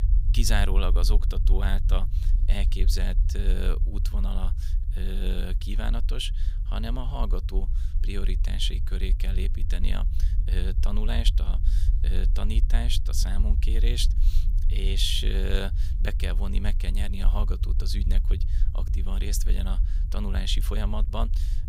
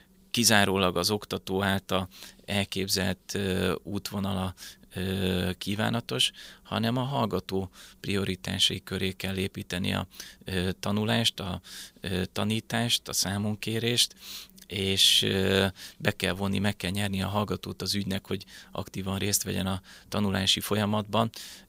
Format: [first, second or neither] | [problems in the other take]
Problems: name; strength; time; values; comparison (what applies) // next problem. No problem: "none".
second | low rumble; noticeable; throughout; 15 dB below the speech